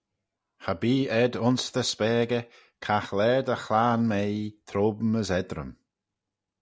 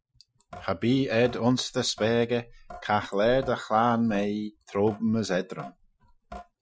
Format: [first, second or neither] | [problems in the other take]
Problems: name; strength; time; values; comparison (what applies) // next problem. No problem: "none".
first | noise reduction (classical method Wiener filter)